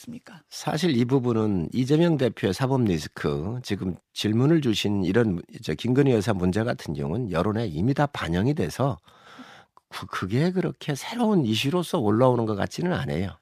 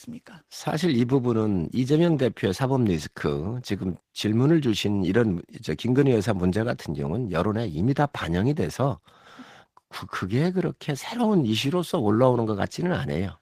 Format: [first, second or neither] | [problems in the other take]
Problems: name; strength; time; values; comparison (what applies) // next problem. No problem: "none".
first | garbled, watery; slightly; nothing above 15 kHz